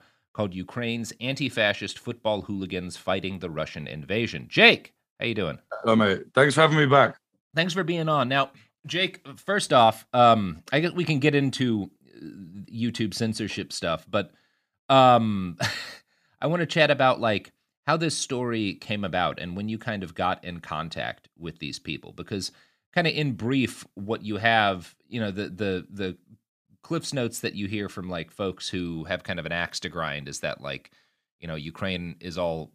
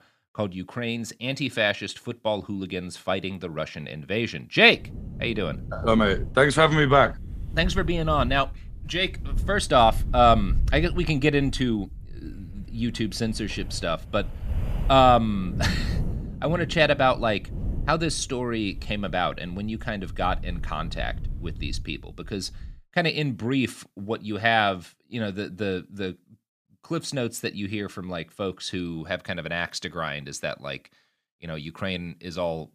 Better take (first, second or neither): first